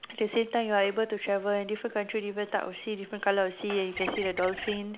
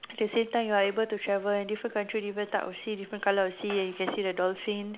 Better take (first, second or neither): second